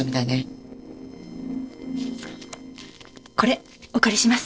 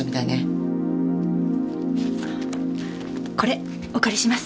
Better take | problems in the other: second | noise reduction (neural separator model SepFormer DNS4)

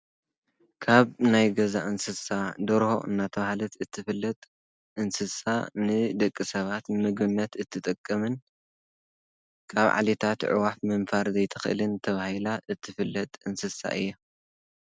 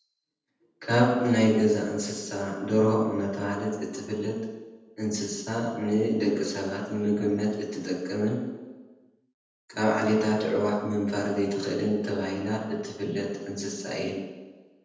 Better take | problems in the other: first | room echo; dies away in 1 s

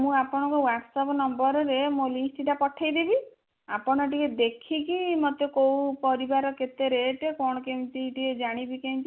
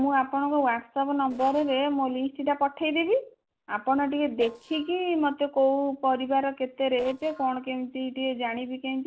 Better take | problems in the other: first | noise reduction (neural separator model SepFormer DNS4)

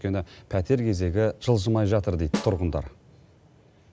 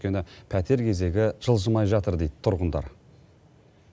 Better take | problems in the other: second | background sound (Snare drum); 10 dB below the speech

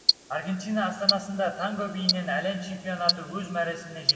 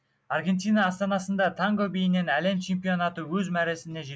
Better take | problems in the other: second | background sound (Tick-tock); as loud as the speech // room echo; dies away in 2.3 s

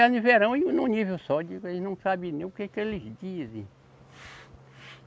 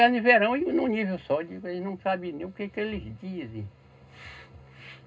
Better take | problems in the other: first | room echo; dies away in 0.2 s

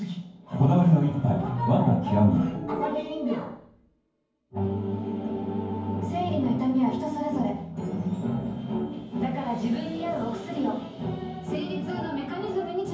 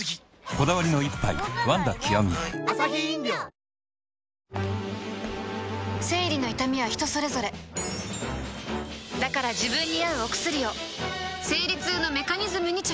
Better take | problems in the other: second | room echo; dies away in 0.9 s

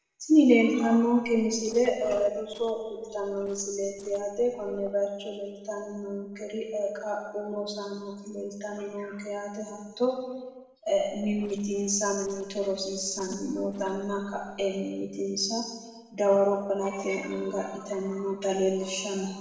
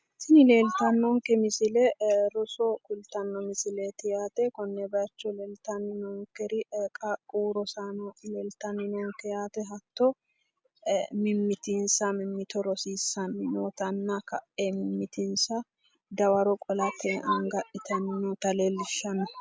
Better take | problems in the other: second | noise reduction (neural separator model SepFormer DNS4)

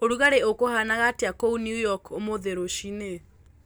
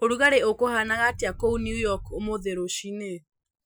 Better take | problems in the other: first | noise reduction (classical method Wiener filter)

